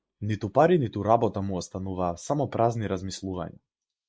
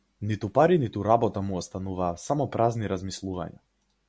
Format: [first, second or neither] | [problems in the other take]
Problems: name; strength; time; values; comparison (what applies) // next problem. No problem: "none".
second | noise reduction (neural mask model Resemble Enhance denoiser)